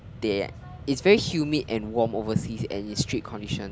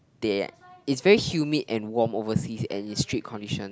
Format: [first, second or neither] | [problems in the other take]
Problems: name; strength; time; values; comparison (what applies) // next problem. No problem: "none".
second | background sound (Mechanisms); 16 dB below the speech